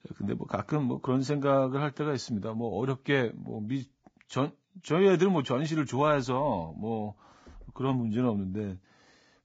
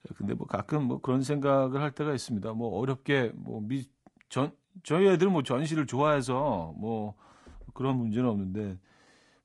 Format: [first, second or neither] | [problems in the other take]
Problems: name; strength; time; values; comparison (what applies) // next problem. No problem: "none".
second | garbled, watery; badly; nothing above 7.5 kHz; slightly in the second